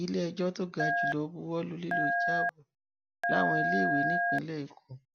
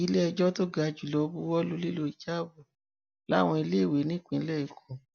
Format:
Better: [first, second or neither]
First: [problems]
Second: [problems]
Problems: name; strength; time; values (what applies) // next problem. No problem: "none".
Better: second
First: background sound (Telephone); 4 dB above the speech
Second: none